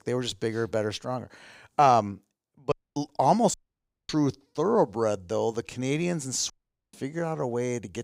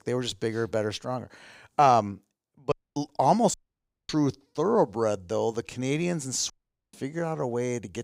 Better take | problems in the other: neither | audio cutting out; at 2.5 s, at 3.5 s for 0.5 s and at 6.5 s; the same in both

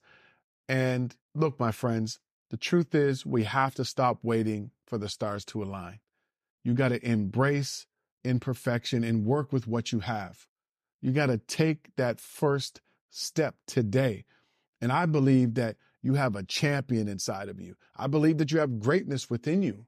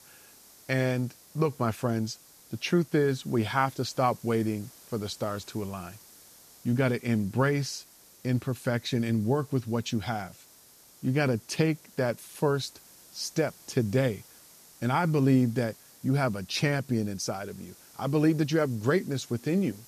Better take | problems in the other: first | hiss; faint; throughout; 25 dB below the speech

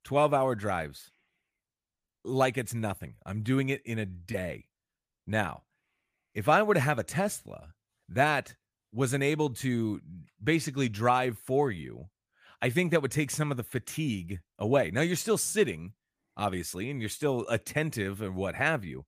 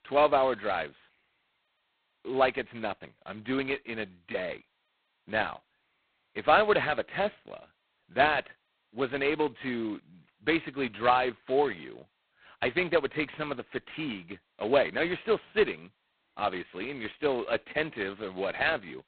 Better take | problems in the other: first | phone-call audio; poor line; nothing above 4 kHz

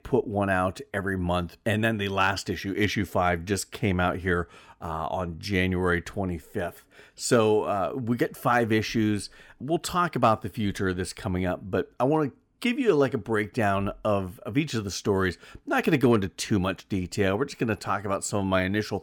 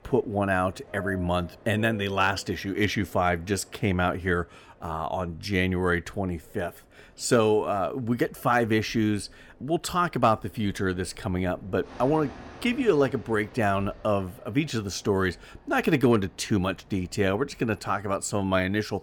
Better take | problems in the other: first | train or aircraft noise; faint; throughout; 25 dB below the speech

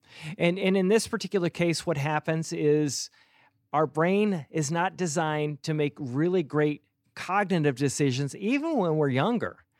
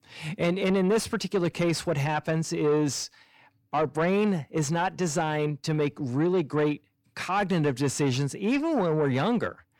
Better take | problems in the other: first | distortion; slight; 10 dB below the speech

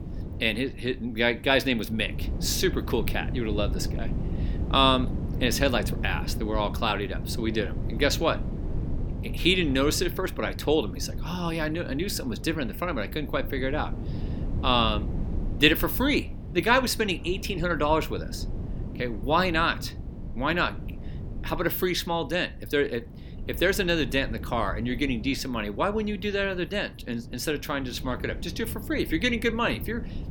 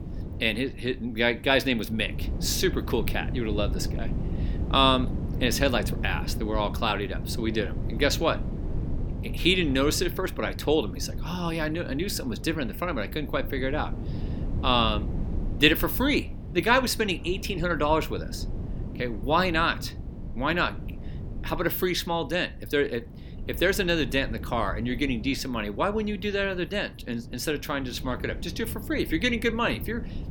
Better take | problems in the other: neither | wind noise on the microphone; occasional gusts; 20 dB below the speech; the same in both

